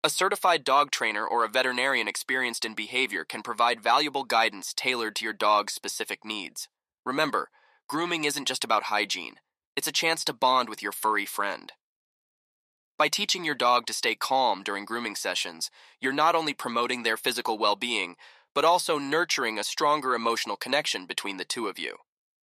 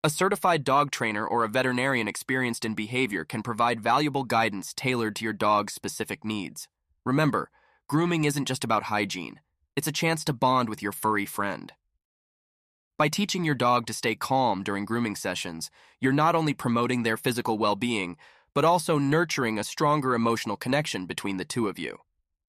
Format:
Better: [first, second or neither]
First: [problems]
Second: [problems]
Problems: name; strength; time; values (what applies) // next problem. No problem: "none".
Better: second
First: thin; somewhat; fading below 450 Hz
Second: none